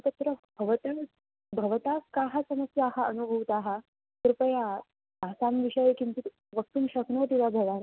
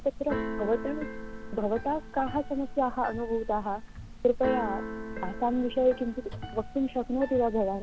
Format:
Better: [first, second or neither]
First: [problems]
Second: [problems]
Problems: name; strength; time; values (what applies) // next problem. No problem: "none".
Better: first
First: none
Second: background sound (Keyboard (musical)); 8 dB below the speech